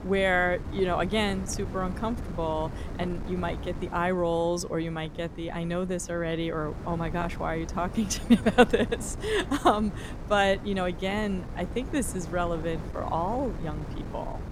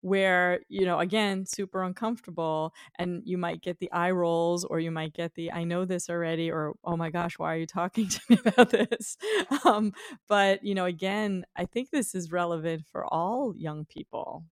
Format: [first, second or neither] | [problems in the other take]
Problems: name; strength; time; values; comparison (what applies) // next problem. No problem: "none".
second | wind noise on the microphone; occasional gusts; 15 dB below the speech